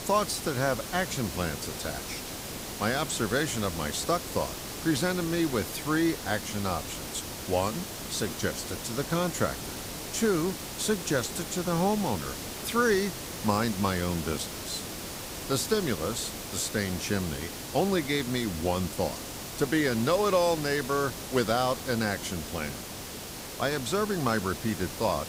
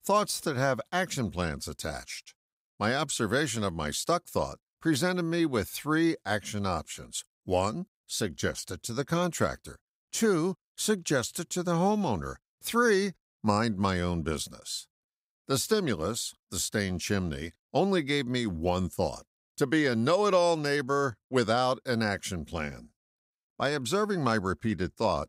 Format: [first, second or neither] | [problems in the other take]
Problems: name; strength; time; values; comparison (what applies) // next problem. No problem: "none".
second | hiss; loud; throughout; 7 dB below the speech